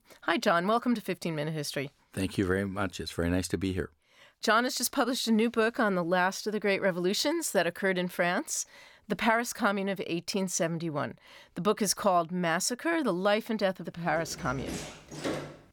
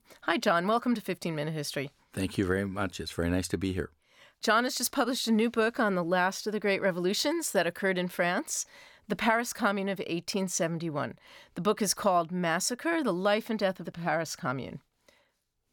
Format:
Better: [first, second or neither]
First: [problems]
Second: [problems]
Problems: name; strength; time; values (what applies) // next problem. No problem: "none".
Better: second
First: door banging; noticeable; from 14 s on; peak 6 dB below the speech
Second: none